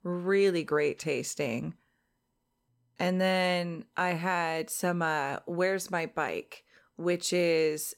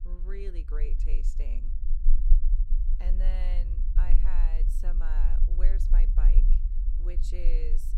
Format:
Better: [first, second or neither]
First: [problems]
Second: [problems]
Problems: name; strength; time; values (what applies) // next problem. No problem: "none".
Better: first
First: none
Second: low rumble; loud; throughout; 6 dB below the speech